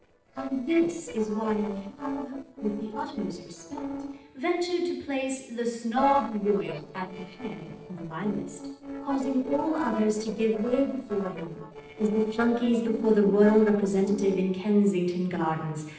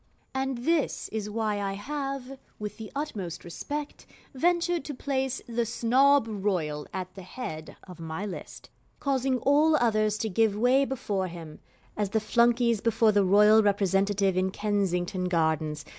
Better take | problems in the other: second | noise reduction (neural separator model SepFormer DNS4)

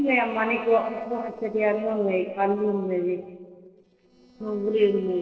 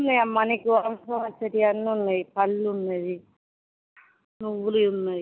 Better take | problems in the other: second | noise reduction (neural separator model SepFormer DNS4)

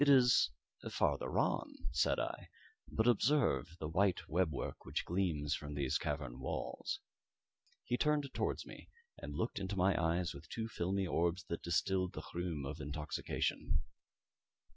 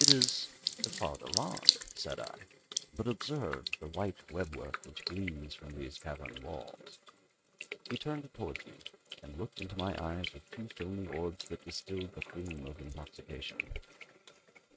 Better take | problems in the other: first | noise reduction (neural mask model RNNoise)

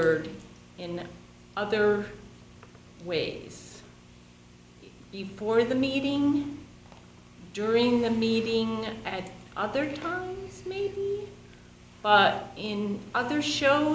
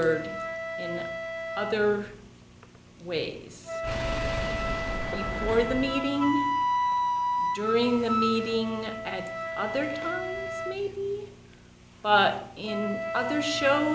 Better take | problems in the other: first | background sound (Engine / Car + Wind instrument, woodwind instrument); 2 dB below the speech

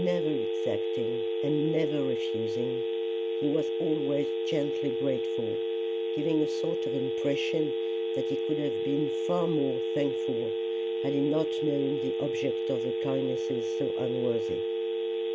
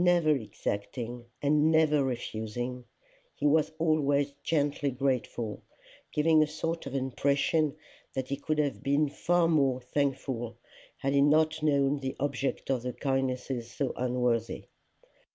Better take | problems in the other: second | background sound (Telephone); 3 dB above the speech

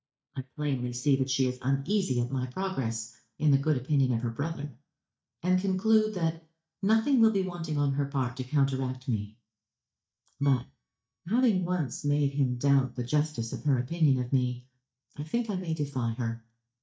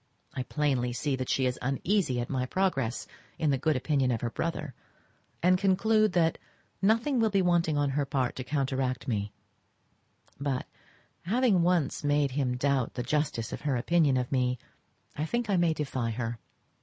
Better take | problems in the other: second | noise reduction (neural mask model DeepFilterNet 3)

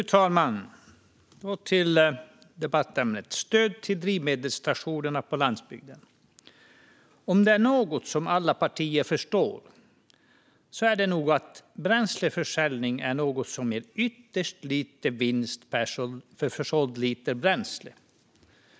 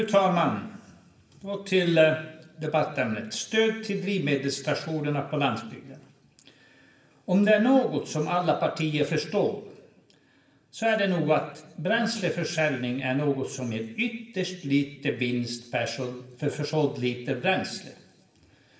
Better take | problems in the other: first | room echo; dies away in 0.9 s

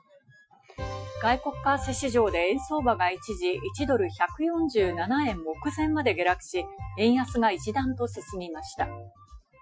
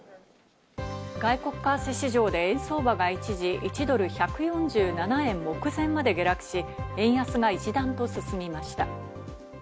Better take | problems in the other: second | noise reduction (classical method Wiener filter)

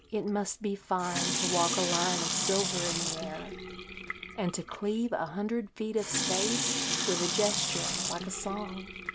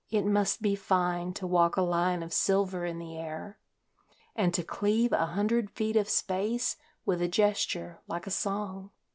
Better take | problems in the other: second | background sound (Sink (filling or washing) / Water tap, faucet); as loud as the speech

